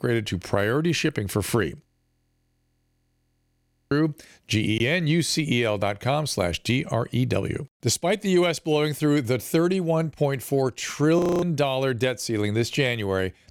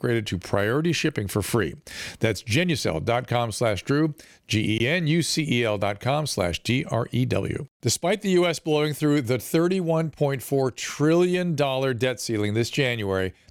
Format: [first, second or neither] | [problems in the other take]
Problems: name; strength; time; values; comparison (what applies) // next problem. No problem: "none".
second | audio freezing; at 2 s for 2 s and at 11 s